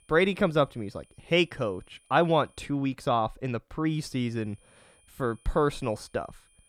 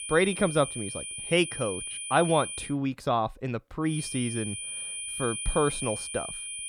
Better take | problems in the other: first | high-pitched whine; loud; until 2.5 s and from 4 s on; 9.5 kHz, 5 dB below the speech; faint in the first

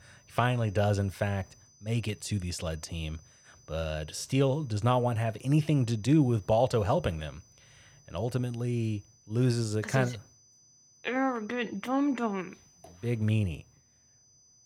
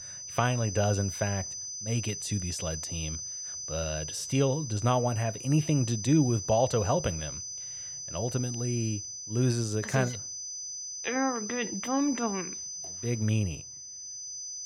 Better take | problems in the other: first | high-pitched whine; loud; throughout; 6 kHz, 6 dB below the speech; faint in the first

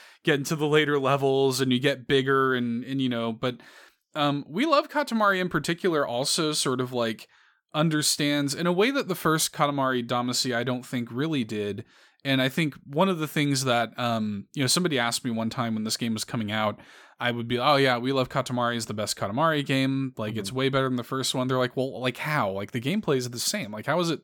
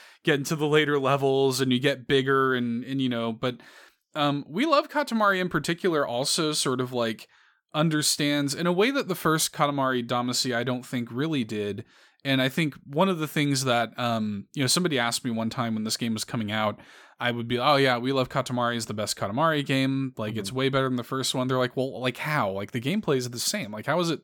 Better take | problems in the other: neither | none

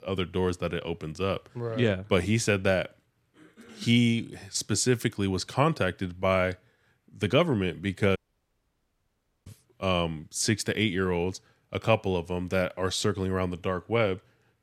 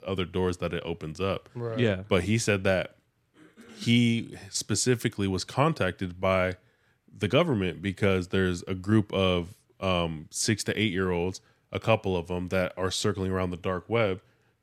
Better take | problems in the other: second | audio cutting out; at 8 s for 1.5 s

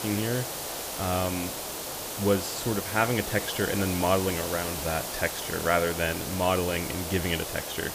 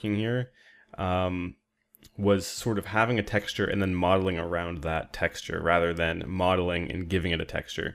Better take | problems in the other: second | hiss; loud; throughout; 4 dB below the speech

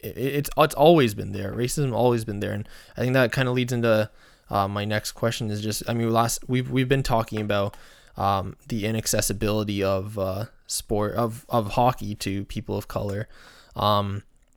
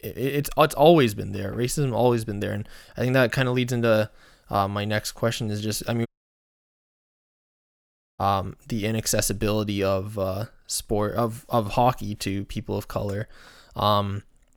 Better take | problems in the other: first | audio cutting out; at 6 s for 2 s

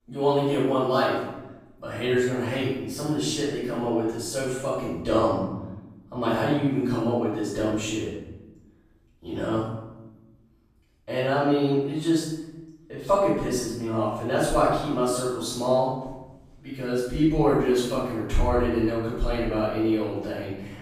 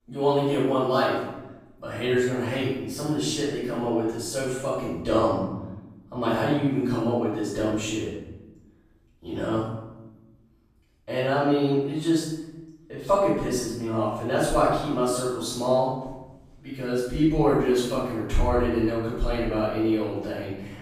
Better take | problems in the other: neither | off-mic speech; far; the same in both // room echo; strong; dies away in 0.9 s; the same in both

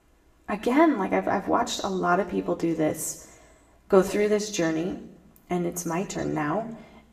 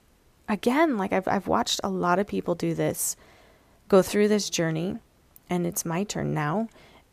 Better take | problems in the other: second | room echo; very slight; dies away in 0.7 s // off-mic speech; somewhat distant

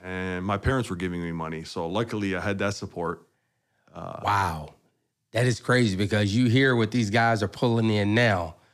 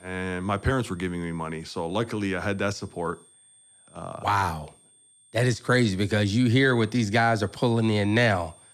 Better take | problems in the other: first | high-pitched whine; faint; throughout; 8.5 kHz, 30 dB below the speech

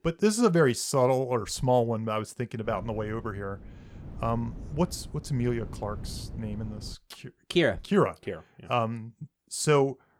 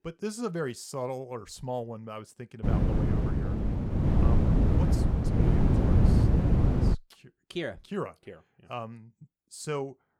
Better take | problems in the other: first | wind noise on the microphone; heavy; from 2.5 to 7 s; 3 dB above the speech; occasional gusts in the first

